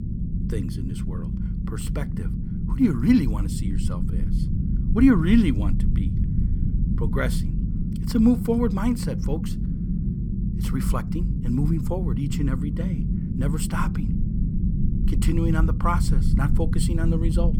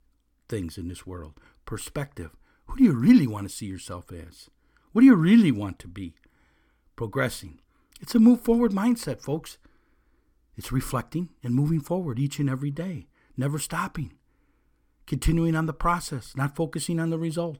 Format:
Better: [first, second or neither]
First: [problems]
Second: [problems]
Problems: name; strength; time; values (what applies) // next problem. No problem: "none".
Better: second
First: low rumble; loud; throughout; 8 dB below the speech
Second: none